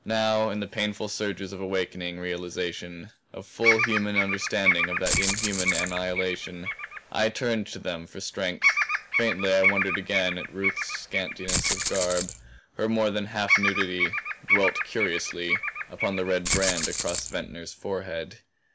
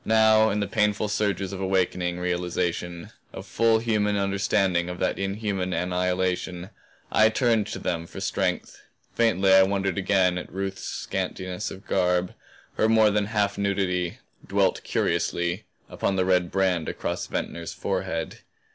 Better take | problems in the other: second | background sound (Rattle (instrument) + Bird vocalization, bird call, bird song); 2 dB above the speech

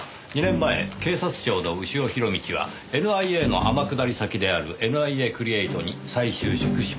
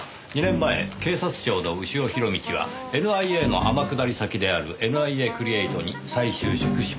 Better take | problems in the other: first | background sound (Wind instrument, woodwind instrument); 13 dB below the speech

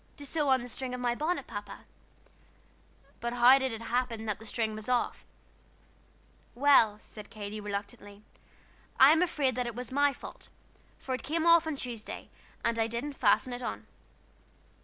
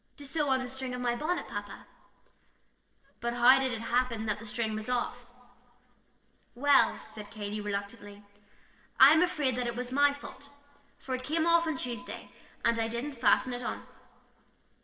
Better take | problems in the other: first | noise reduction (neural separator model SepFormer DNS4)

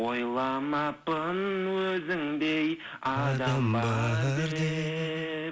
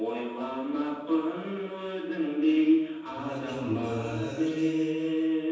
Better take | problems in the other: first | room echo; dies away in 1.1 s

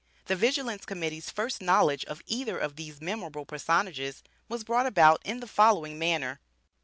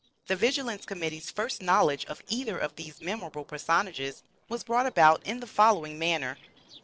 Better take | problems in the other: first | noise reduction (neural separator model SepFormer DNS4)

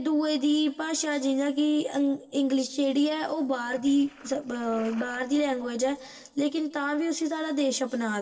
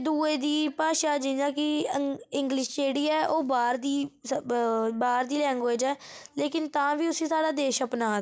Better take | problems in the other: second | noise reduction (neural separator model SepFormer DNS4)

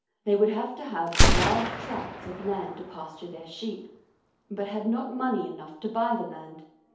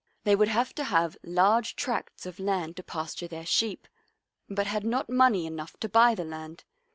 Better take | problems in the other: second | background sound (Gunshot, gunfire); 1 dB above the speech // room echo; dies away in 2.2 s

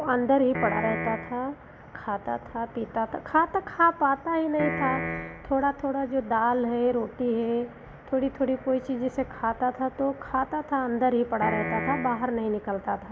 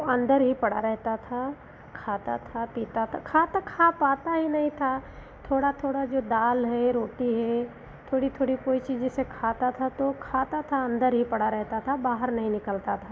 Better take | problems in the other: second | background sound (Piano); 5 dB below the speech

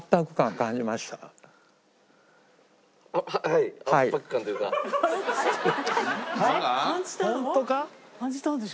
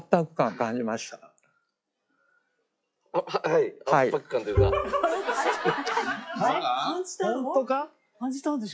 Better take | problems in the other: first | noise reduction (classical method log-MMSE)

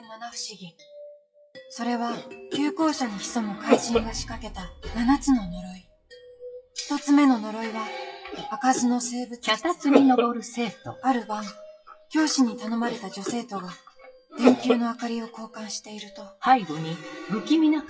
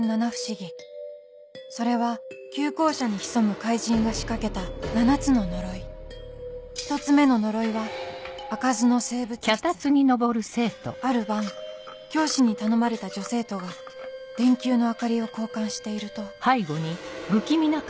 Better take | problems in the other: second | noise reduction (classical method WPE with log-MMSE)

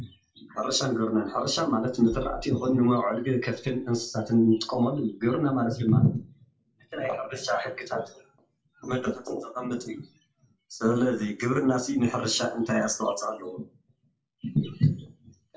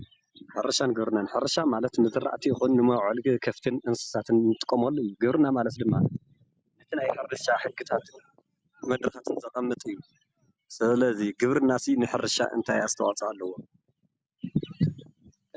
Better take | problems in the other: second | background sound (Bass drum); 10 dB below the speech // room echo; dies away in 0.3 s

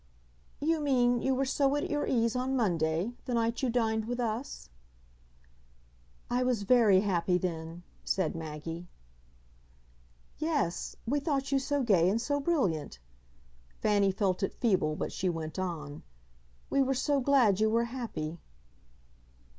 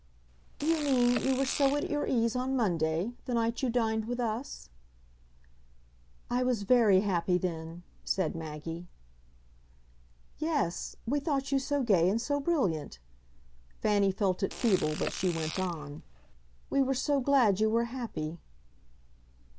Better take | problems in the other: first | background sound (Fart); 12 dB below the speech

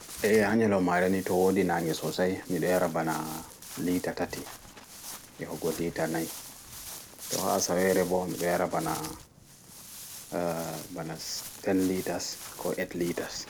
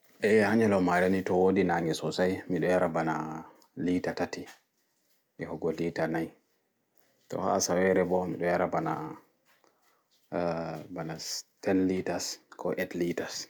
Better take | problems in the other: second | background sound (Walk, footsteps); 14 dB below the speech

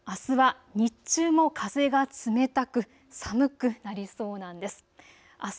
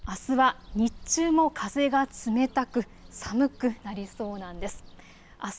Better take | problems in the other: first | background sound (Bird); 18 dB below the speech

